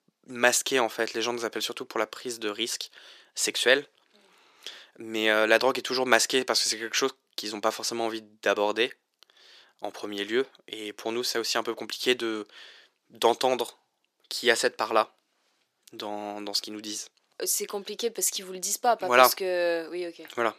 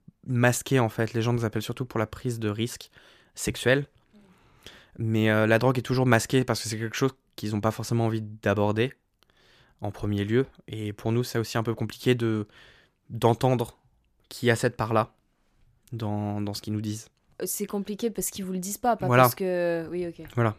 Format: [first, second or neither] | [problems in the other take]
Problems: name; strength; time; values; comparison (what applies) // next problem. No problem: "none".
second | thin; very; fading below 350 Hz